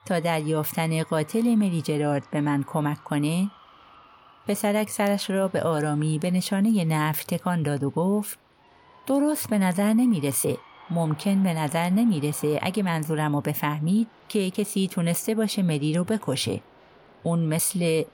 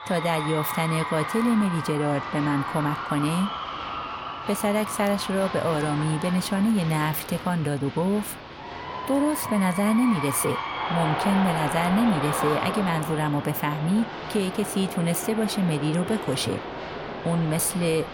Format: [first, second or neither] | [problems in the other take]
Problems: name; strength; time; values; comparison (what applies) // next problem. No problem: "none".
first | crowd noise; loud; throughout; 6 dB below the speech; faint in the first